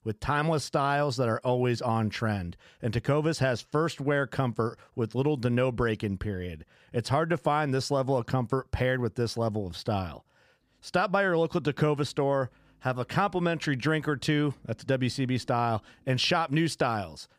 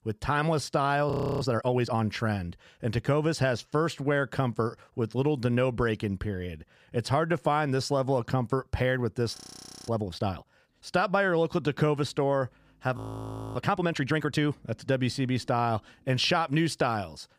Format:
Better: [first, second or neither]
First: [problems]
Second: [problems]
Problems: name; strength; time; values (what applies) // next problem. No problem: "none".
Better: first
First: none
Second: audio freezing; at 1 s, at 9.5 s for 0.5 s and at 13 s for 0.5 s